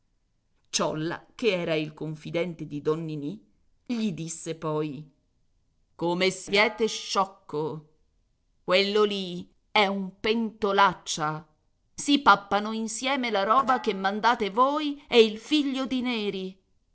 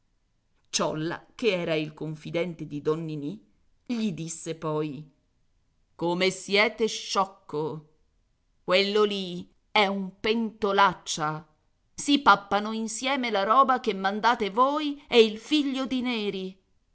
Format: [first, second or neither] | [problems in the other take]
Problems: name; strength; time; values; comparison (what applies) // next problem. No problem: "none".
second | noise reduction (neural separator model SepFormer DNS4)